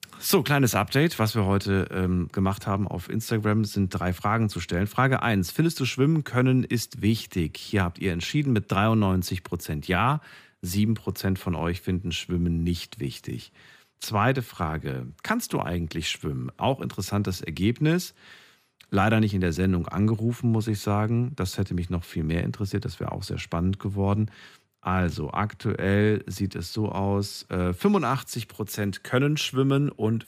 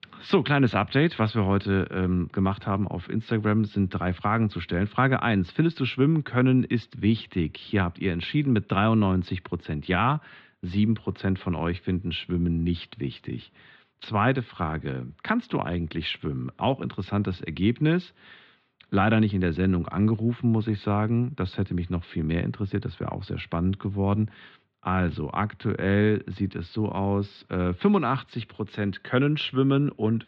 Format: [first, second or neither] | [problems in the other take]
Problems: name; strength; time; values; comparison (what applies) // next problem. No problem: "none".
first | muffled; slightly; fading above 3.5 kHz